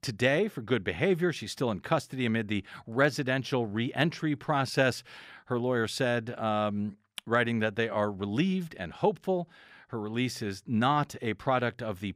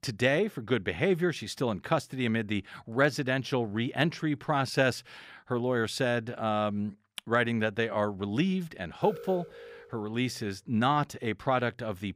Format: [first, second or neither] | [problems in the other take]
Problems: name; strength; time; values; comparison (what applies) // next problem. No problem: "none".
first | alarm; faint; from 9 to 10 s; peak 15 dB below the speech